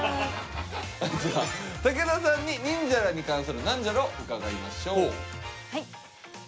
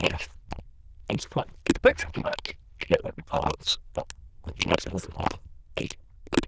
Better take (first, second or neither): first